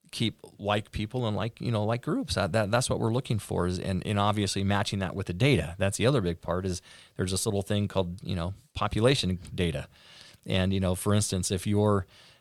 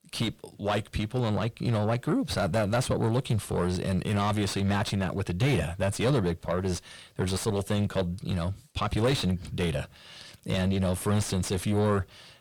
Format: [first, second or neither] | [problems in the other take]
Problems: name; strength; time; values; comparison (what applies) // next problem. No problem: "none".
first | distortion; heavy; 7 dB below the speech